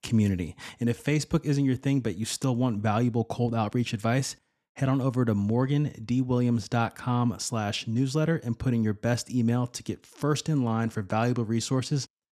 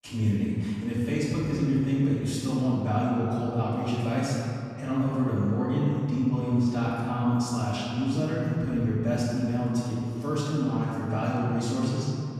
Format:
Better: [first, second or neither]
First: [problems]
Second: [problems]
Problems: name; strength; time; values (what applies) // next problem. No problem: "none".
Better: first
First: none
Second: off-mic speech; far // room echo; strong; dies away in 2.8 s